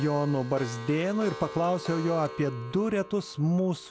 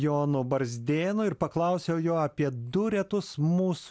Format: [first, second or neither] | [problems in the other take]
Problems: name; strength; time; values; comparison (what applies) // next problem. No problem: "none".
second | background sound (Clock); 14 dB below the speech